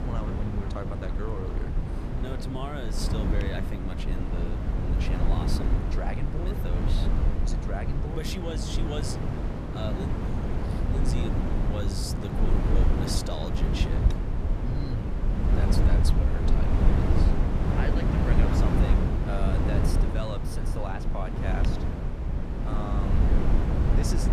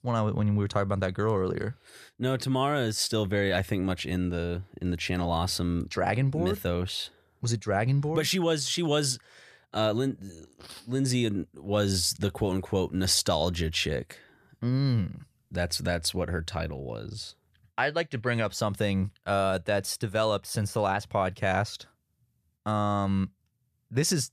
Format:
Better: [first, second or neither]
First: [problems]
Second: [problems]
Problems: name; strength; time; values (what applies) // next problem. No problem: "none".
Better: second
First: wind noise on the microphone; heavy; 2 dB above the speech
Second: none